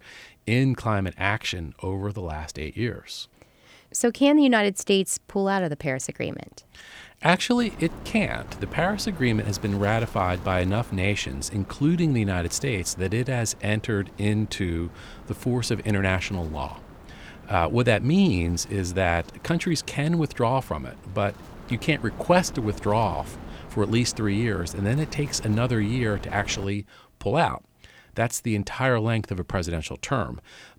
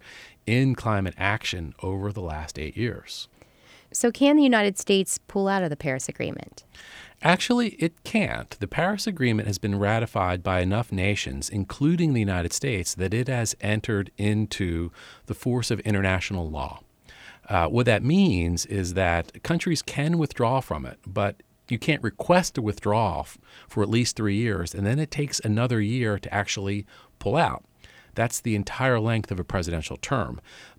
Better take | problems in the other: second | wind noise on the microphone; occasional gusts; from 7.5 to 27 s; 20 dB below the speech

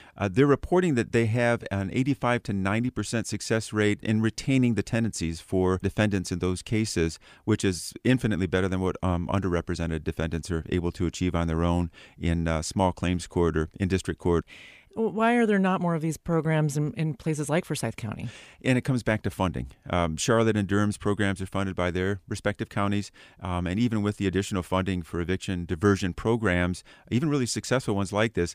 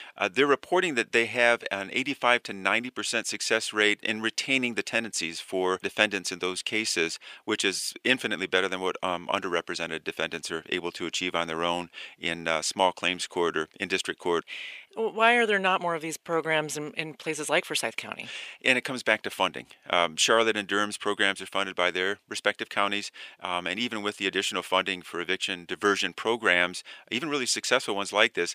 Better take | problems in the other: first | thin; somewhat; fading below 450 Hz

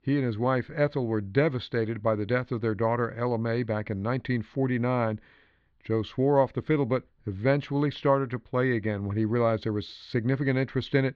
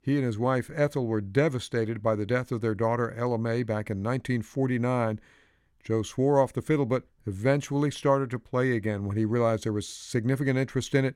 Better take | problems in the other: second | muffled; very slightly; fading above 4.5 kHz

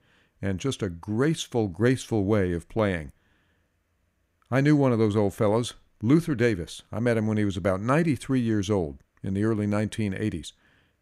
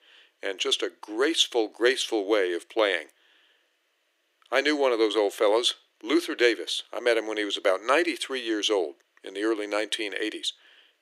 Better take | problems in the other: first | thin; very; fading below 350 Hz

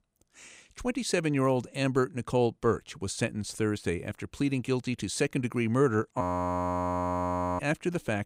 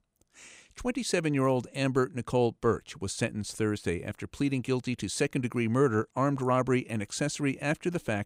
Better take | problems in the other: second | audio freezing; at 6 s for 1.5 s

